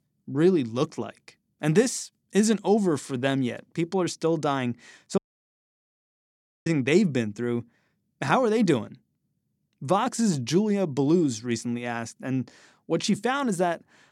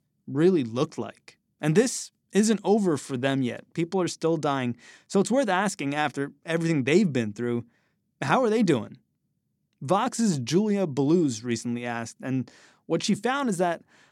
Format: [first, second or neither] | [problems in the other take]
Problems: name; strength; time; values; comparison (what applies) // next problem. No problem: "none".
second | audio cutting out; at 5 s for 1.5 s